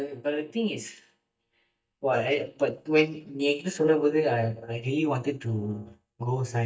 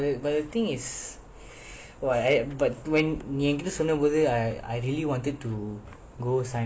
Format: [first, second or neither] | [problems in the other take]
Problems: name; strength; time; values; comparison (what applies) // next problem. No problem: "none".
second | noise reduction (neural mask model DeepFilterNet 3)